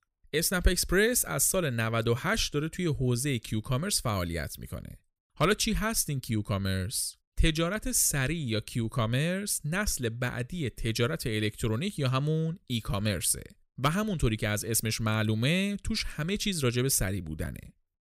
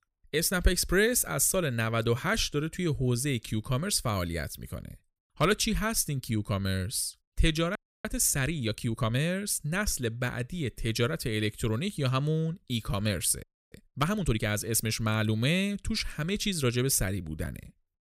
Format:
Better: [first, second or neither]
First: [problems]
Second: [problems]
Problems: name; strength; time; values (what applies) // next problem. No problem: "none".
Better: first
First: none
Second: audio freezing; at 8 s and at 13 s